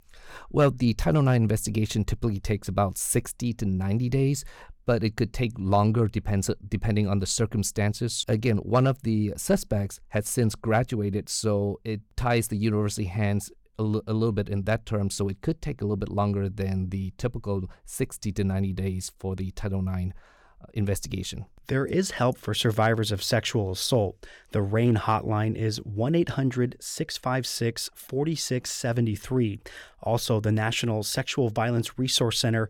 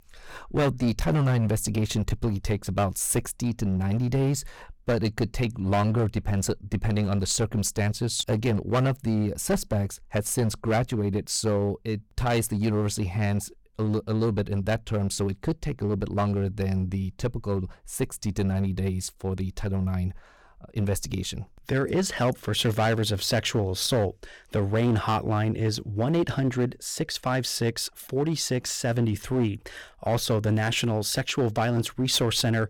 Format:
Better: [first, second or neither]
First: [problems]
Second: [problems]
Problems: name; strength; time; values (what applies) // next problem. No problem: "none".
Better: first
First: none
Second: distortion; slight; 8% of the sound clipped